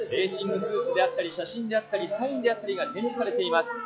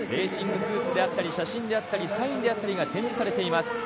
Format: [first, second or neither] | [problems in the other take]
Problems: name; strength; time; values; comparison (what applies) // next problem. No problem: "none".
second | noise reduction (classical method log-MMSE)